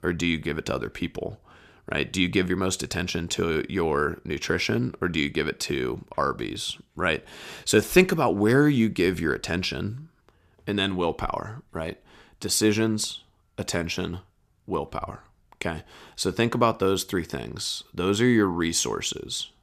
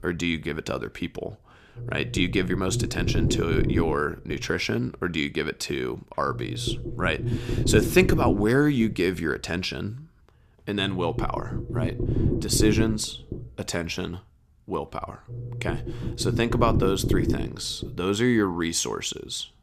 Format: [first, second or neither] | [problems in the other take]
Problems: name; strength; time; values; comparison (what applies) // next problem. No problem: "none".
first | low rumble; loud; throughout; 8 dB below the speech